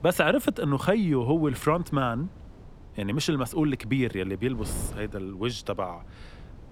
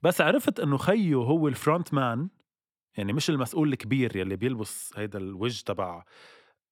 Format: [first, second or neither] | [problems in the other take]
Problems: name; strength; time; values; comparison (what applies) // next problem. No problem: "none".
second | wind noise on the microphone; occasional gusts; 25 dB below the speech